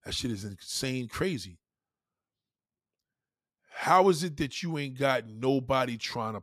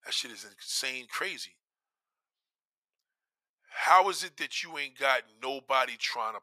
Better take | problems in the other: first | thin; very; fading below 850 Hz

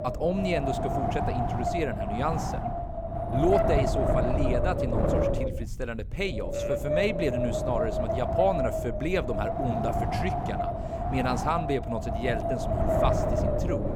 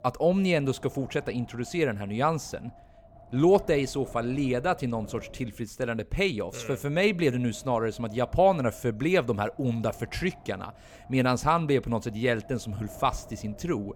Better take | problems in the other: second | wind noise on the microphone; heavy; 3 dB above the speech; occasional gusts in the second

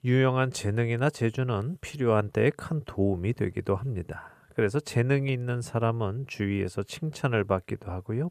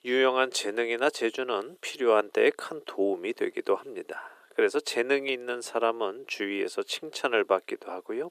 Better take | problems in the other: first | thin; very; fading below 300 Hz

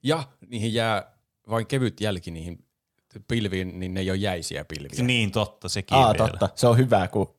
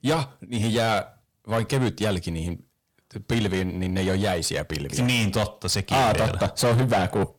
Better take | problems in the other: first | distortion; heavy; 6 dB below the speech

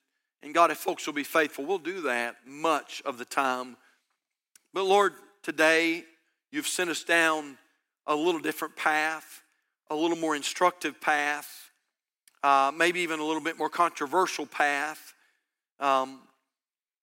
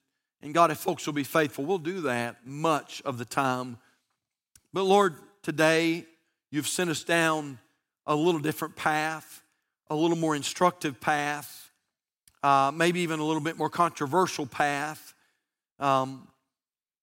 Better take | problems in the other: second | thin; somewhat; fading below 300 Hz

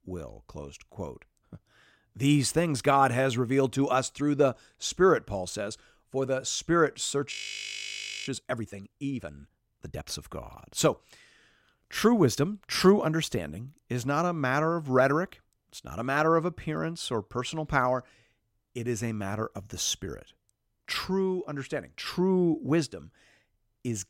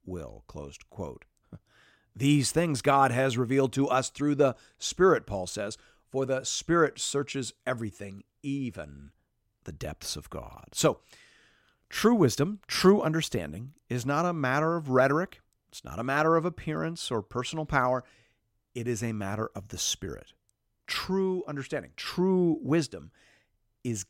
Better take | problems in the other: second | audio freezing; at 7.5 s for 1 s

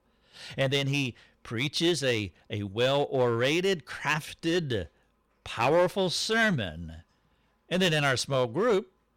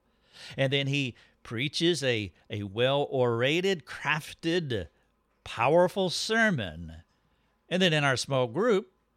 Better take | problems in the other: second | distortion; slight; 5% of the sound clipped

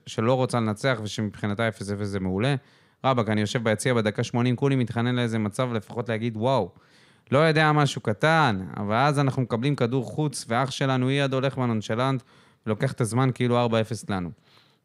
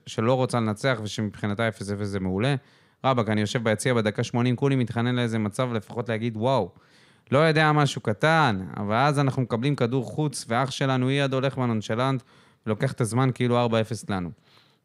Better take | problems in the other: neither | none

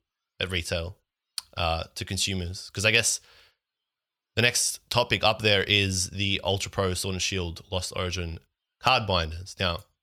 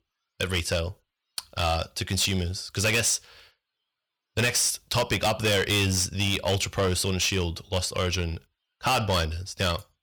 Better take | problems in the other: first | distortion; heavy; 8% of the sound clipped

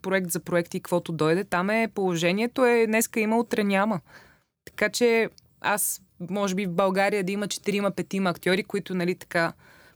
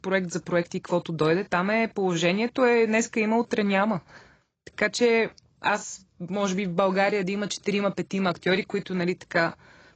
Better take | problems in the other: first | garbled, watery; badly; nothing above 7.5 kHz

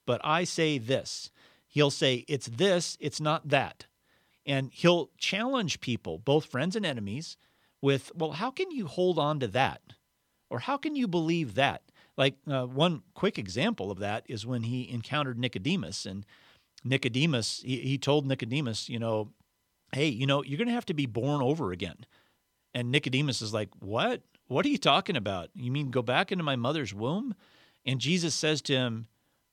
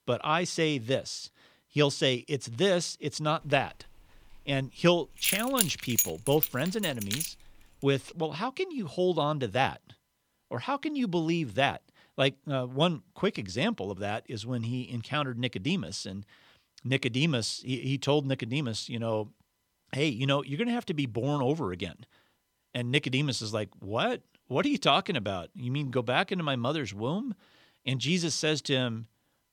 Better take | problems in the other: first | jangling keys; loud; from 5 to 7.5 s; peak 3 dB above the speech

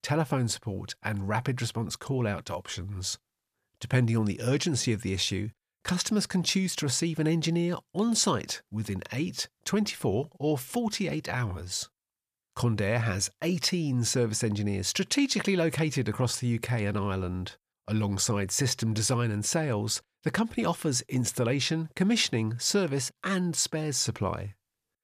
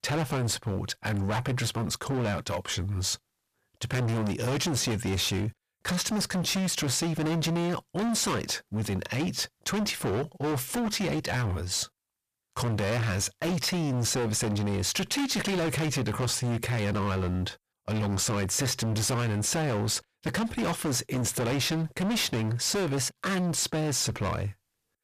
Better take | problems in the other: first | distortion; heavy; 33% of the sound clipped

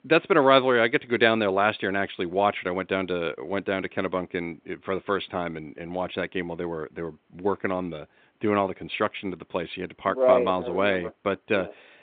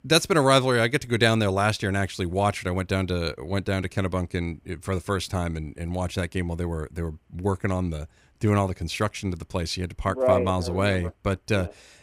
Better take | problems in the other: second | phone-call audio; nothing above 3.5 kHz

